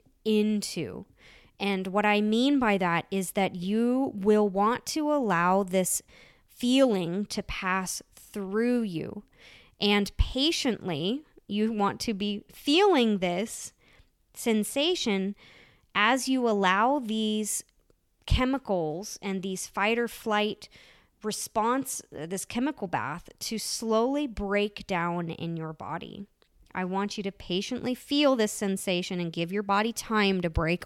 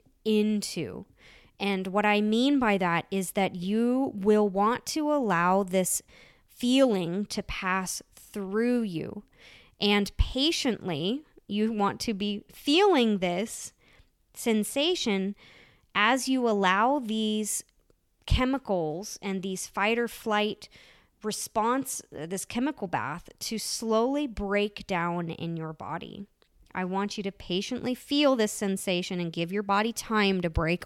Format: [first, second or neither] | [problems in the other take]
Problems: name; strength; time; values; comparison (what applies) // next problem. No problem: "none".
neither | none